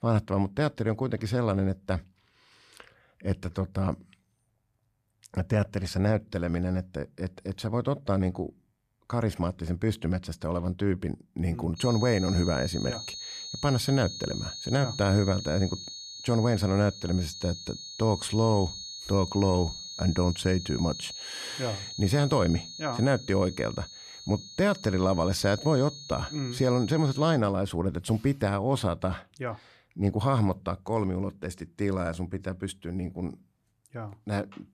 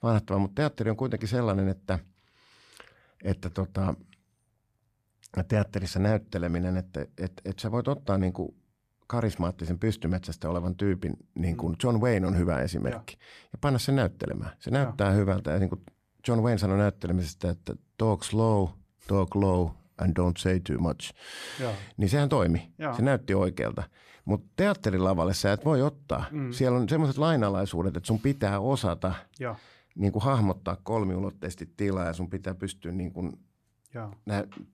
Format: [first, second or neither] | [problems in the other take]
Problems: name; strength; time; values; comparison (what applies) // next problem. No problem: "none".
second | high-pitched whine; loud; from 12 to 27 s; 4.5 kHz, 10 dB below the speech